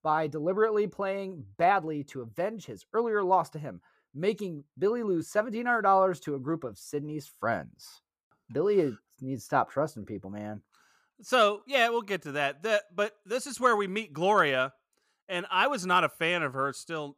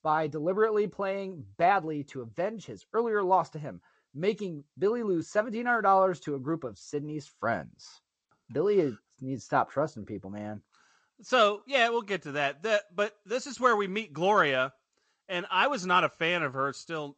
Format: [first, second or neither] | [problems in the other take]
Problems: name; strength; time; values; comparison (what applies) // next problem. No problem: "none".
first | garbled, watery; slightly; nothing above 7.5 kHz